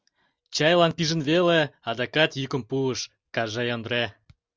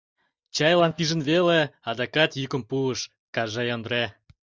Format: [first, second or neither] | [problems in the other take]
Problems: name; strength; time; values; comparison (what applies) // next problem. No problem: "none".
first | noise reduction (neural mask model DeepFilterNet 3)